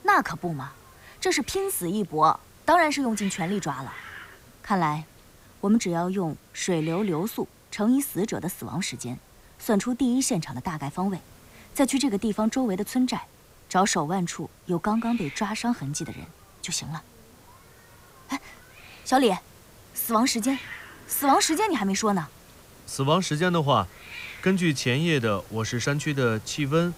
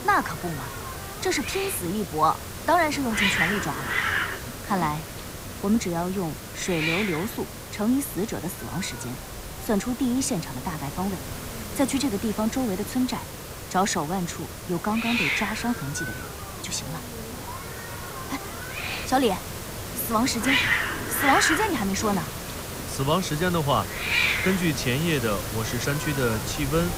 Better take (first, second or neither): first